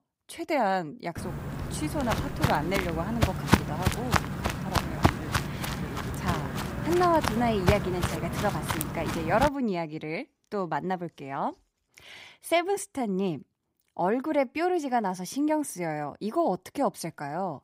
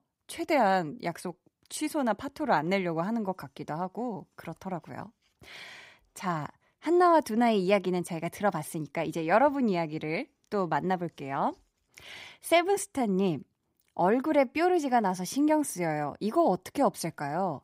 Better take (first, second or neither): second